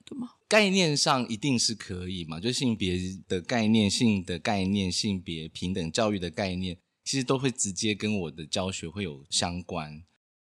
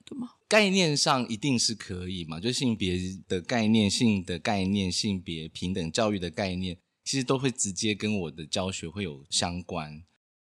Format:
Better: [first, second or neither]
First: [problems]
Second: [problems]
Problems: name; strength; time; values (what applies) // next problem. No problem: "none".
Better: neither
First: none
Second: none